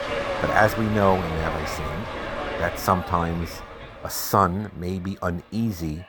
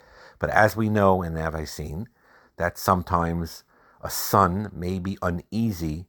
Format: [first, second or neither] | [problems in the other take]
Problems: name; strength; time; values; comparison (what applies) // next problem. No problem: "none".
second | train or aircraft noise; loud; throughout; 6 dB below the speech